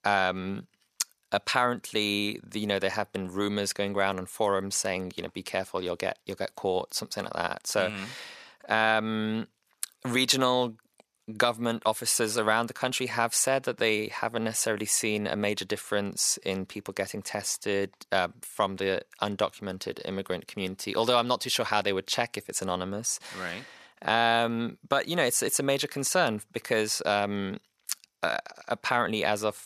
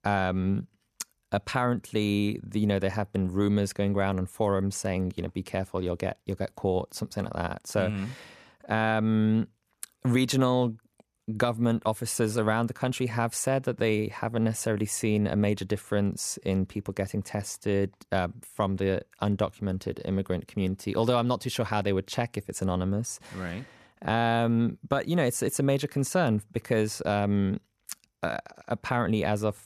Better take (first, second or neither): second